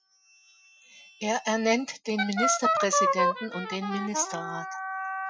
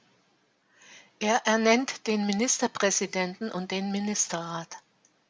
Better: second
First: noise reduction (classical method Wiener filter)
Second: none

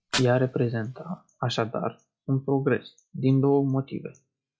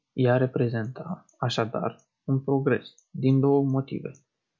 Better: second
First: noise reduction (classical method log-MMSE)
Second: none

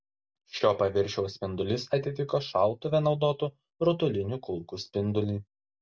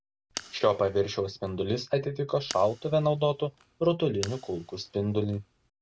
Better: first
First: none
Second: background sound (Fire); 18 dB below the speech

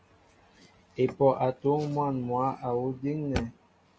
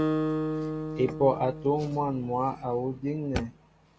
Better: first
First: none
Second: background sound (Acoustic guitar); 4 dB below the speech

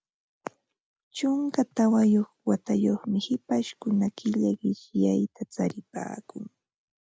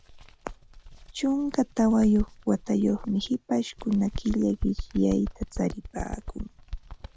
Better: first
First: none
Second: background sound (Bird); 11 dB below the speech

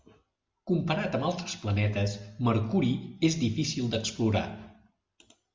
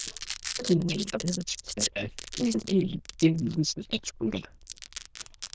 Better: first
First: none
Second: noise reduction (neural diffusion model UNIVERSE++)

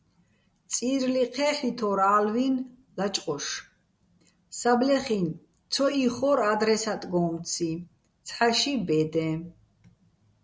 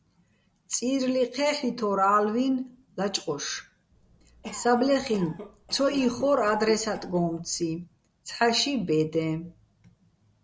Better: first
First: none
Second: background sound (Cough); 15 dB below the speech

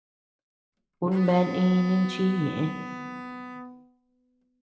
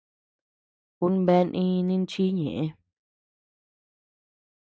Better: second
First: background sound (Bowed string instrument); 12 dB below the speech // room echo; dies away in 1.5 s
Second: none

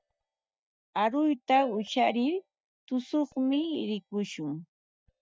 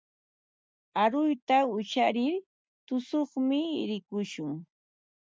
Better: second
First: noise reduction (neural mask model DeepFilterNet 3)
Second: none

